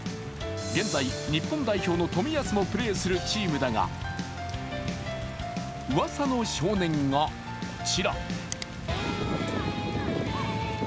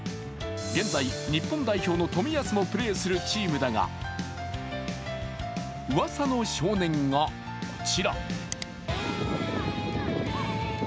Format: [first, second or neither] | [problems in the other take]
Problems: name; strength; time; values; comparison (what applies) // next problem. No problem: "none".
second | background sound (Thunder / Rain); 14 dB below the speech